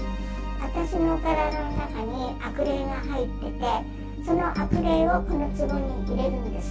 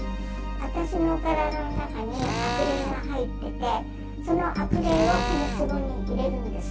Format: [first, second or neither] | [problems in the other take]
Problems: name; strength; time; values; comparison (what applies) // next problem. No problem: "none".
first | background sound (Drill); 6 dB below the speech